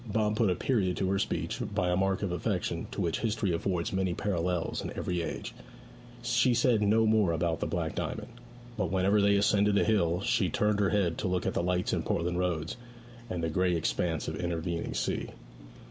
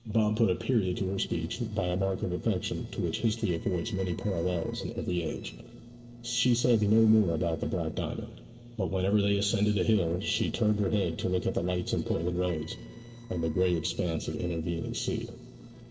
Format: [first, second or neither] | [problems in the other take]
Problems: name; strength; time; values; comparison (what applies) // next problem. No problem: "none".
first | noise reduction (neural separator model SepFormer DNS4)